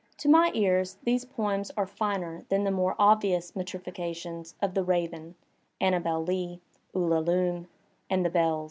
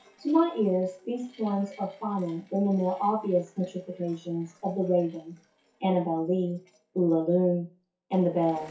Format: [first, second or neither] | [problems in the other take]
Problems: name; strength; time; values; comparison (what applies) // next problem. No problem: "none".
first | noise reduction (classical method WPE with log-MMSE)